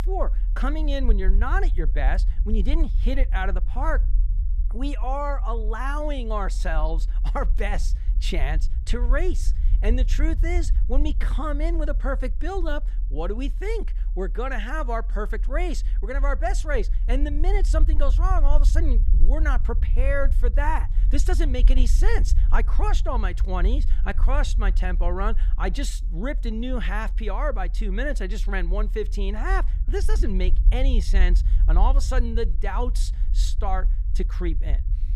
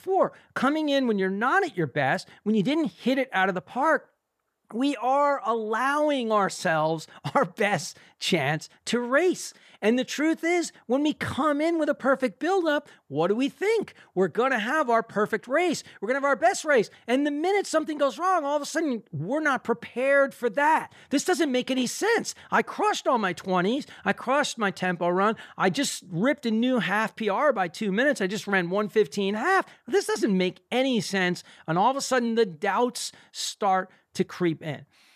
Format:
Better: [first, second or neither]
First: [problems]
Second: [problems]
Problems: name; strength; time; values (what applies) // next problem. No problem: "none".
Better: second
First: low rumble; noticeable; throughout; 20 dB below the speech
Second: none